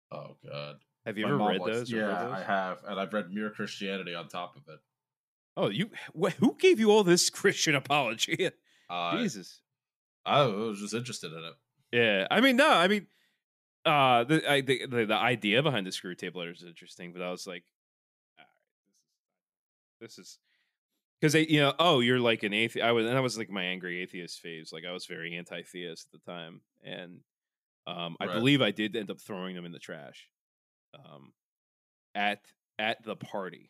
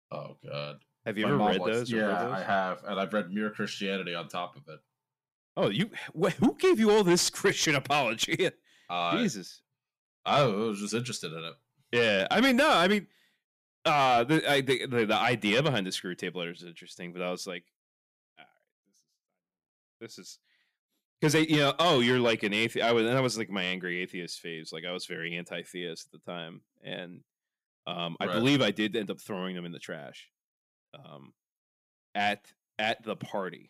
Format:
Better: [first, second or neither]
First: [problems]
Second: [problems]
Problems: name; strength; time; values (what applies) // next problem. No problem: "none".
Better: first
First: none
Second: distortion; slight; 10 dB below the speech